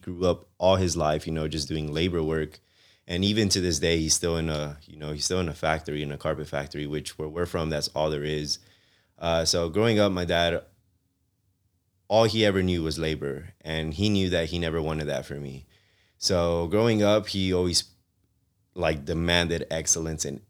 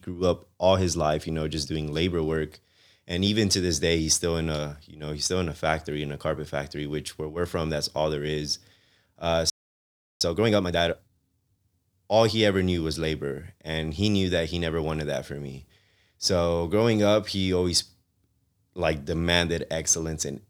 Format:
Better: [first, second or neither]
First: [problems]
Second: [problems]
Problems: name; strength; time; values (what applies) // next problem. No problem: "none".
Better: first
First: none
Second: audio freezing; at 9.5 s for 0.5 s